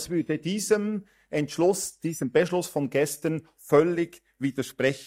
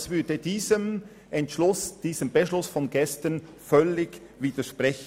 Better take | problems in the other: second | noise reduction (neural mask model DeepFilterNet 3)

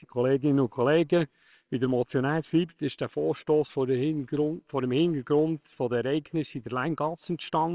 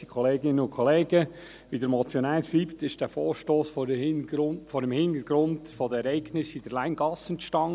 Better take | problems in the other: second | noise reduction (neural separator model SepFormer WHAMR!)

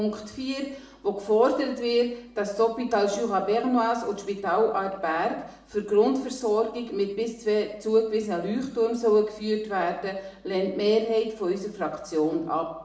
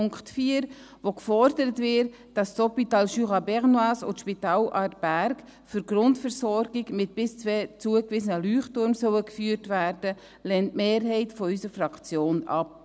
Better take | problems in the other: second | room echo; dies away in 0.7 s

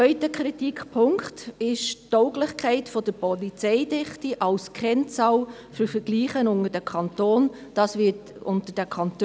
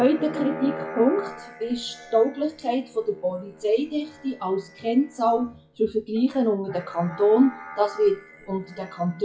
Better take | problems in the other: first | noise reduction (classical method WPE with log-MMSE)

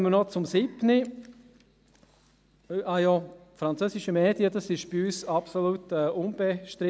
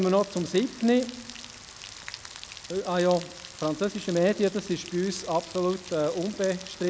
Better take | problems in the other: first | background sound (Rain); 15 dB below the speech

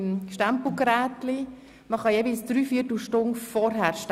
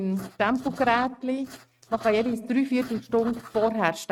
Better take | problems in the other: first | noise reduction (neural mask model RNNoise)

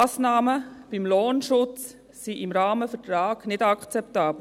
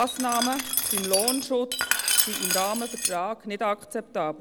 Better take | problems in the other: first | background sound (Glass); as loud as the speech

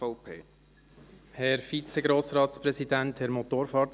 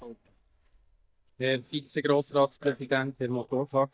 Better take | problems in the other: first | noise reduction (neural mask model DeepFilterNet 3)

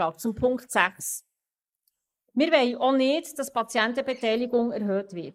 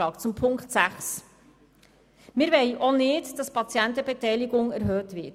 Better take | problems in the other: second | noise reduction (neural mask model Resemble Enhance denoiser)

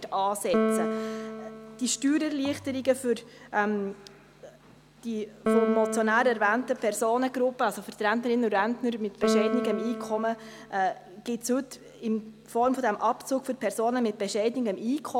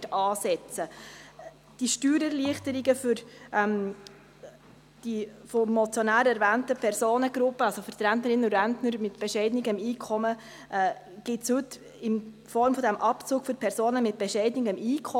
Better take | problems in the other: second | background sound (Piano); 5 dB below the speech

